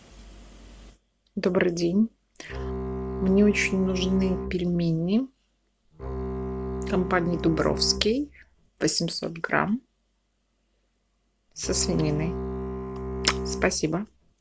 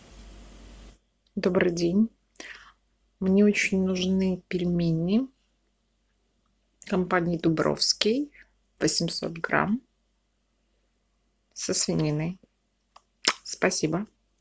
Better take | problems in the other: second | background sound (Bowed string instrument); 5 dB below the speech

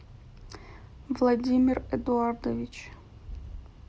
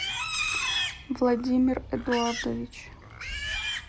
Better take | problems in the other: first | background sound (Livestock, farm animals, working animals); 4 dB below the speech

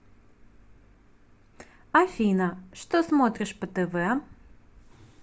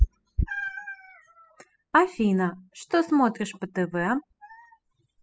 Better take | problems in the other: first | noise reduction (classical method spectral subtraction)

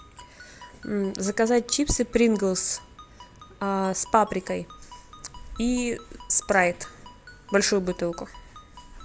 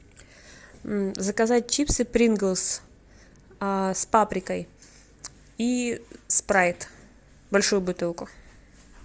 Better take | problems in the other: second | background sound (Car passing by + Ringtone); 19 dB below the speech

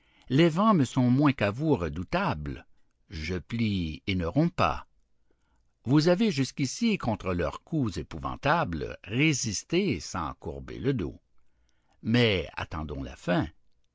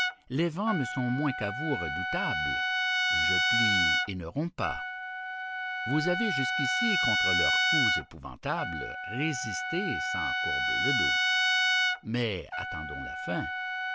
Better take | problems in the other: first | background sound (Trumpet); 5 dB above the speech

